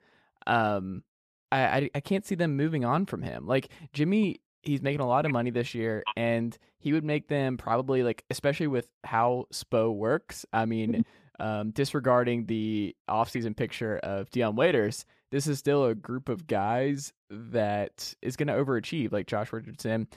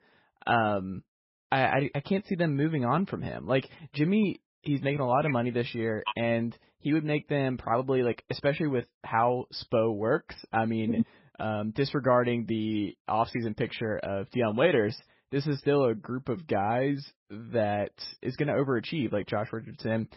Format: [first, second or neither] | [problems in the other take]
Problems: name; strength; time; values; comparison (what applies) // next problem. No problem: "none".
first | garbled, watery; badly; nothing above 5.5 kHz